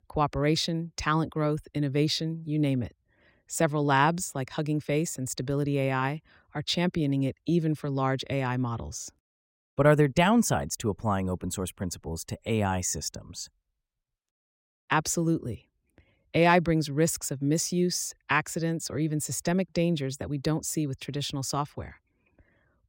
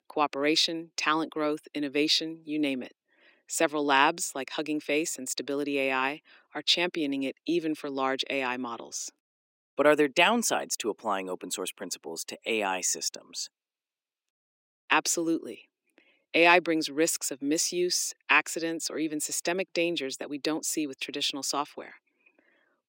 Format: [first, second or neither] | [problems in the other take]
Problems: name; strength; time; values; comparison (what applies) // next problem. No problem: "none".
first | thin; somewhat; fading below 300 Hz